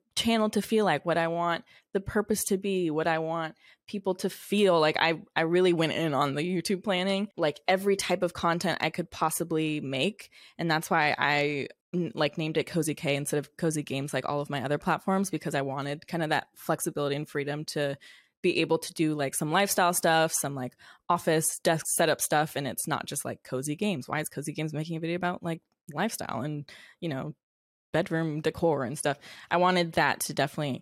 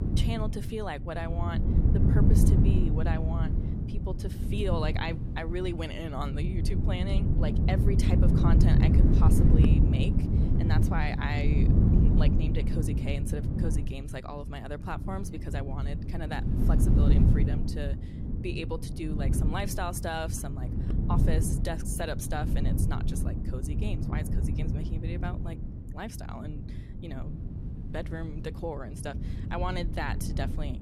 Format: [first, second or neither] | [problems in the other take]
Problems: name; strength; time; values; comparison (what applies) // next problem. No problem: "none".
first | wind noise on the microphone; heavy; 1 dB below the speech